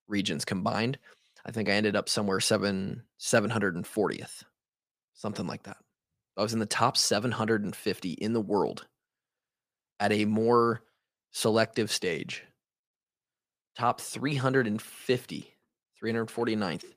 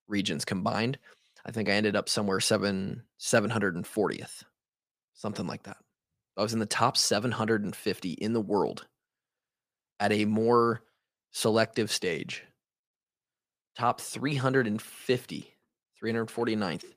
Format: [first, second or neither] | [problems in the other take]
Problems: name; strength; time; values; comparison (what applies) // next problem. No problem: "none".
neither | none